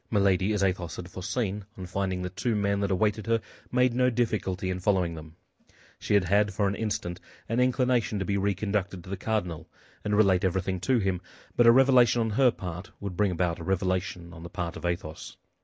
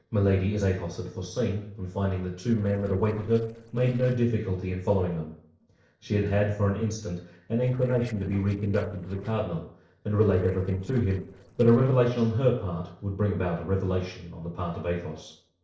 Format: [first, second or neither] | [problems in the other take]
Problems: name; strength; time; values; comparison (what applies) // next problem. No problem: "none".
first | noise reduction (neural separator model SepFormer DNS4)